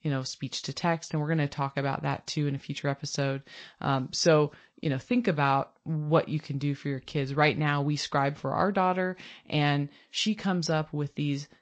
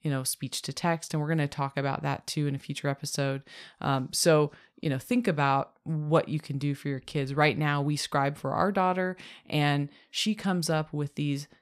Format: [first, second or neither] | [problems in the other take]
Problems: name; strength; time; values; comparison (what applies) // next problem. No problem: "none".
second | garbled, watery; slightly